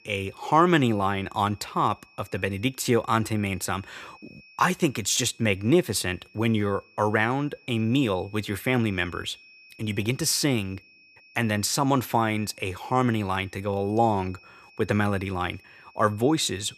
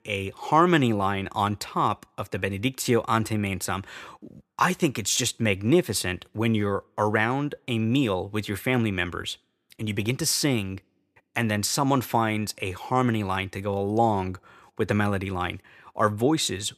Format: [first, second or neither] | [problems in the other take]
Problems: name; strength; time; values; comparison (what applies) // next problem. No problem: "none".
second | high-pitched whine; faint; throughout; 2.5 kHz, 25 dB below the speech